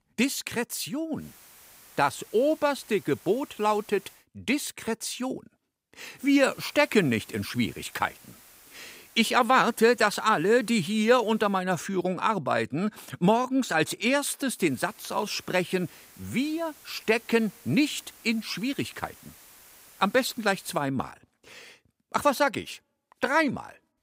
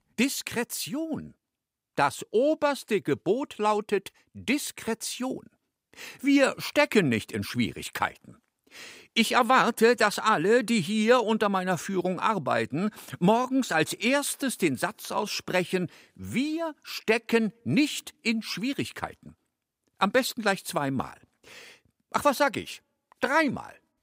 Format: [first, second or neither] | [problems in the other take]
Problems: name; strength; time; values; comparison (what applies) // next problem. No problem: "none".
second | hiss; faint; from 1 to 4 s, from 6 to 12 s and from 15 to 21 s; 25 dB below the speech